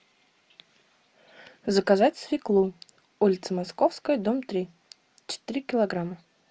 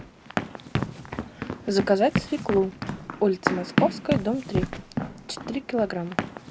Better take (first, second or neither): first